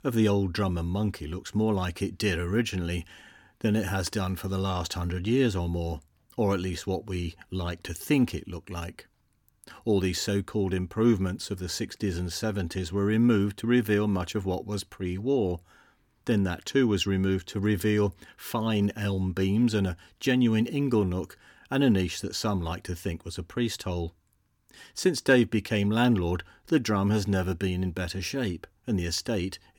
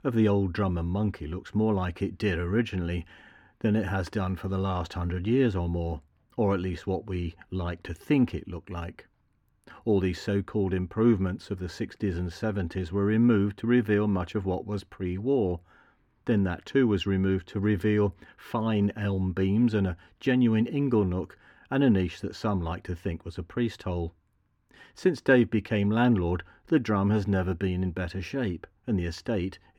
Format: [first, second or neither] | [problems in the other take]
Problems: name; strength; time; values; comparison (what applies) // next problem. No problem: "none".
first | muffled; slightly; fading above 3.5 kHz